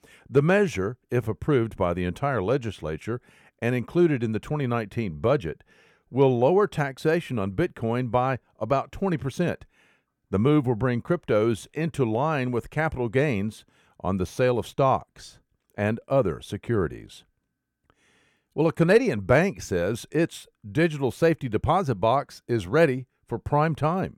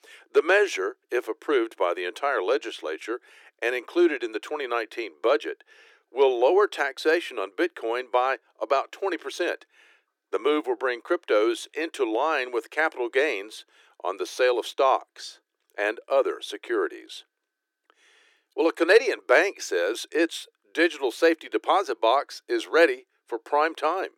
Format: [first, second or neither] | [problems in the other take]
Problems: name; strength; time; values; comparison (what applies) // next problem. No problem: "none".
first | thin; very; fading below 300 Hz